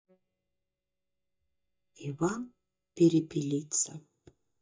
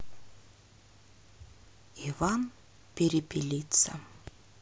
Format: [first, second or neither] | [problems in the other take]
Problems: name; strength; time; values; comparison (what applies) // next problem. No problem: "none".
second | noise reduction (neural mask model DeepFilterNet 3)